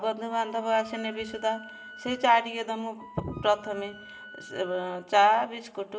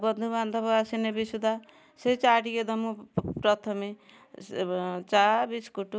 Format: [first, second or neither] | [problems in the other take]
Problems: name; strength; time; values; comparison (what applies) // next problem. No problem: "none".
second | background sound (Wind instrument, woodwind instrument); 19 dB below the speech // room echo; dies away in 1.4 s